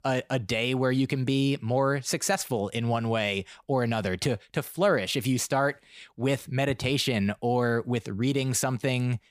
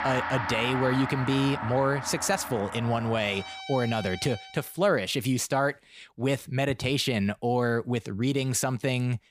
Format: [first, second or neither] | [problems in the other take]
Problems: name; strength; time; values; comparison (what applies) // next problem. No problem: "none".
first | background music; loud; until 4.5 s; 8 dB below the speech